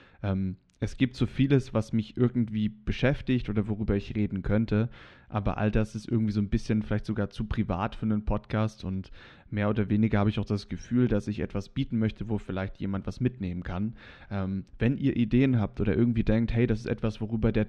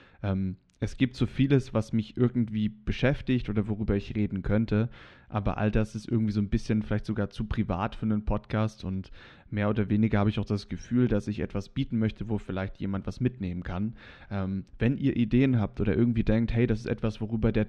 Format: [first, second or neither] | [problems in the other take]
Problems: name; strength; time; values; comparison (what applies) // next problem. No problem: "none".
neither | muffled; slightly; fading above 3 kHz; the same in both